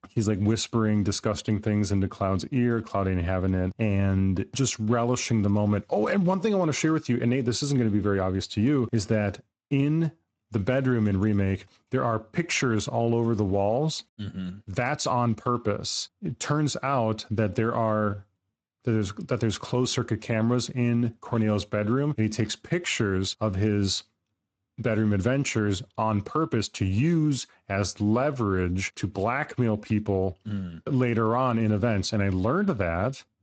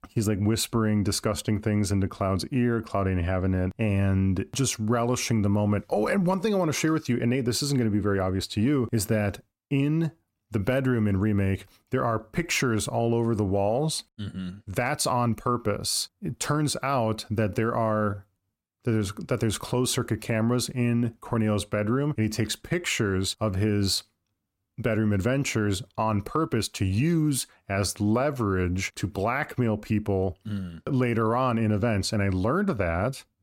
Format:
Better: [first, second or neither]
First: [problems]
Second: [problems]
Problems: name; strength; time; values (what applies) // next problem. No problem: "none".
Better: second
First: garbled, watery; slightly; nothing above 7.5 kHz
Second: none